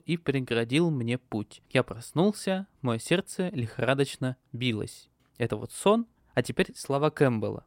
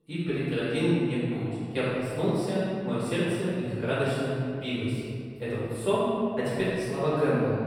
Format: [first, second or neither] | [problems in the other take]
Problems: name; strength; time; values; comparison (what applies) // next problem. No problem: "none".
first | off-mic speech; far // room echo; strong; dies away in 2 s